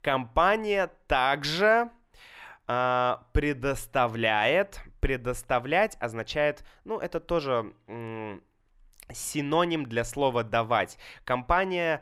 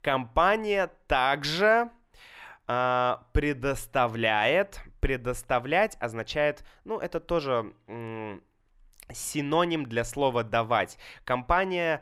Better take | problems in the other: neither | none

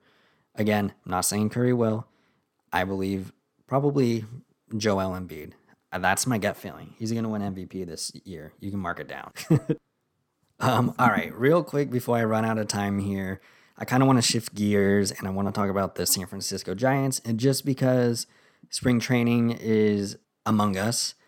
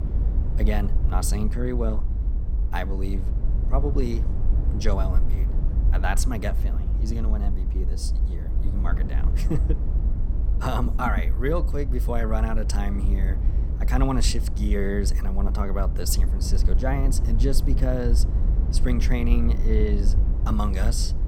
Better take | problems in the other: first | low rumble; noticeable; throughout; 10 dB below the speech

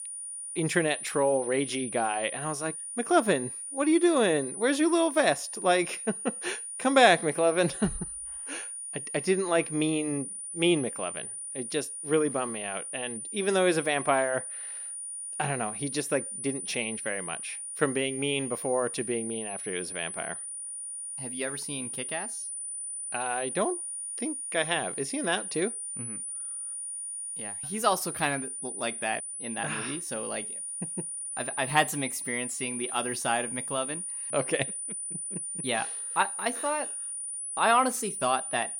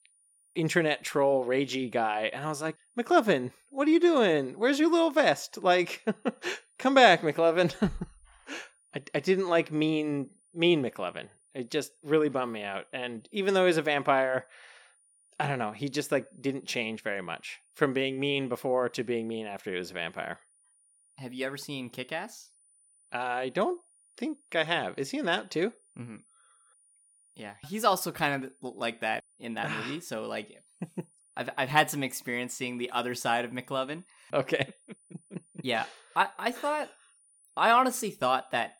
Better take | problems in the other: second | high-pitched whine; loud; throughout; 9.5 kHz, 5 dB below the speech; faint in the second

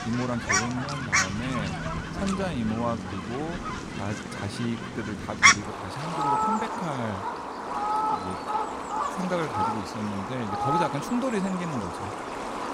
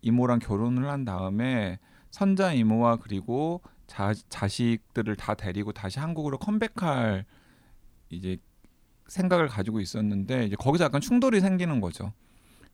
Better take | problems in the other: second | animal sounds; very loud; throughout; 4 dB above the speech

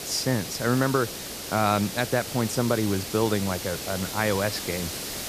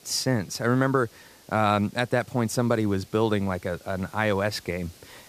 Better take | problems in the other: second | hiss; loud; throughout; 6 dB below the speech; faint in the second

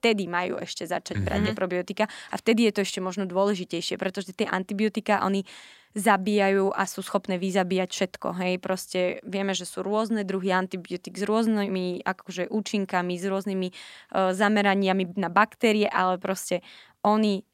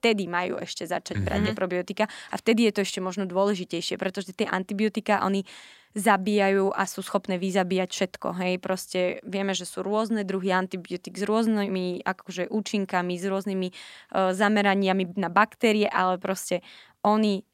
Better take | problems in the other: neither | none

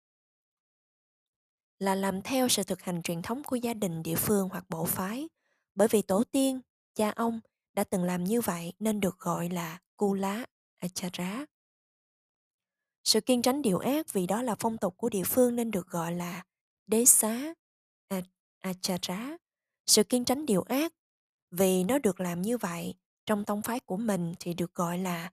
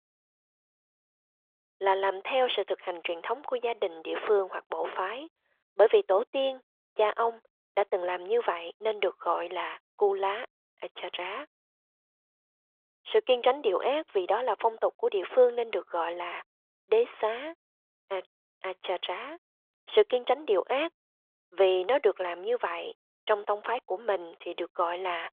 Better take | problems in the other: first | phone-call audio; nothing above 3.5 kHz

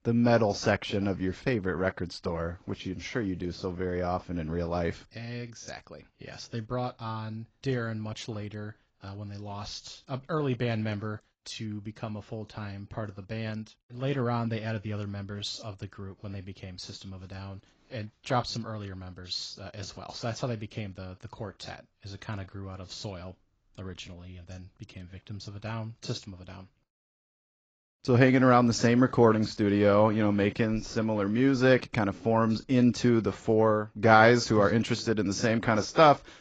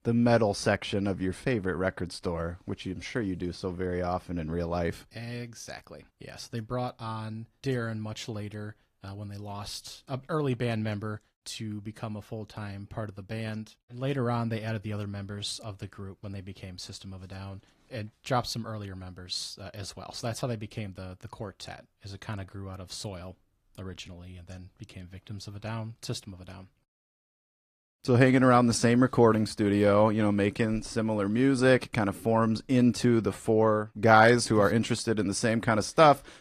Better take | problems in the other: second | garbled, watery; badly; nothing above 7.5 kHz; slightly in the second

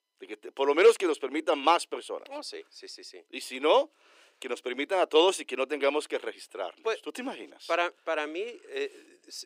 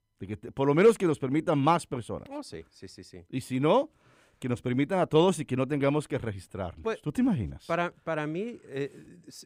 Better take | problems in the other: second | thin; very; fading below 350 Hz

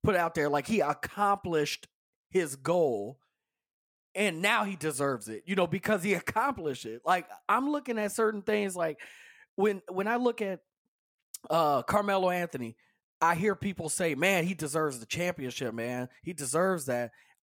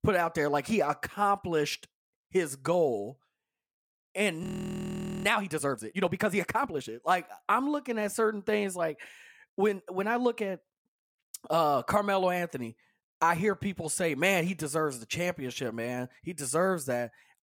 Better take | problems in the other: first | audio freezing; at 4.5 s for 1 s

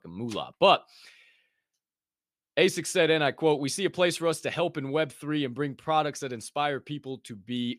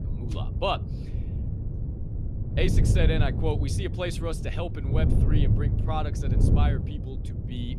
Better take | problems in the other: first | wind noise on the microphone; heavy; 7 dB below the speech

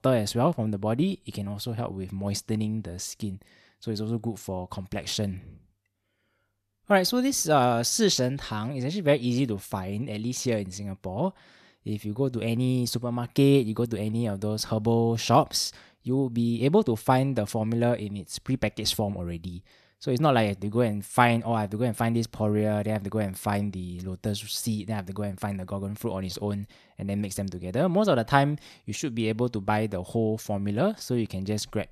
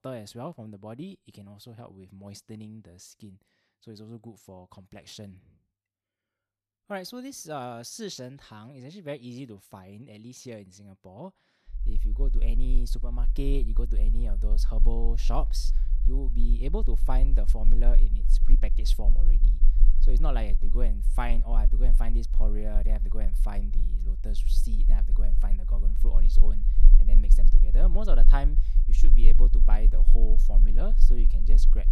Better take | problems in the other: first | low rumble; noticeable; from 12 s on; 15 dB below the speech

